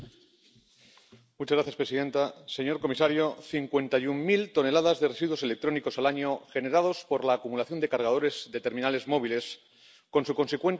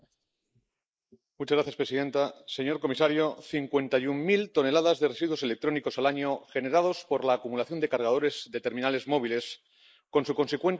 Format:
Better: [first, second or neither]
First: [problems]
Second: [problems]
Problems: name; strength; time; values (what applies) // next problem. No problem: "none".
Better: first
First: none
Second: noise reduction (neural mask model Resemble Enhance denoiser)